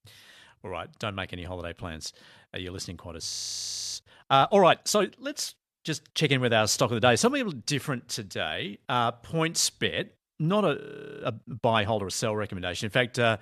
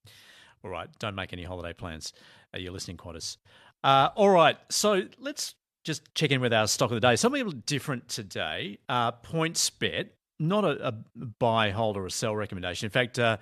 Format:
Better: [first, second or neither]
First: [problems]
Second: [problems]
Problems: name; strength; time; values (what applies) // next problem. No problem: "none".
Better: second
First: audio freezing; at 3.5 s for 0.5 s and at 11 s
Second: none